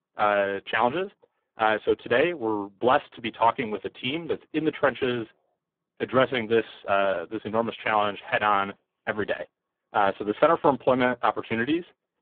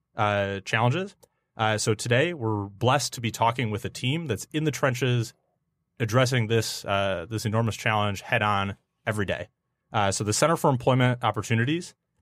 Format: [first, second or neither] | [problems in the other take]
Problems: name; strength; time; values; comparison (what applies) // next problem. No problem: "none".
second | phone-call audio; poor line